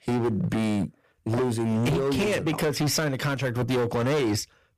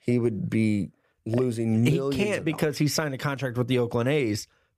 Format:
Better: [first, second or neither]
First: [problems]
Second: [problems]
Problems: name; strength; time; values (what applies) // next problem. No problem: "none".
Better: second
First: distortion; heavy; 23% of the sound clipped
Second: none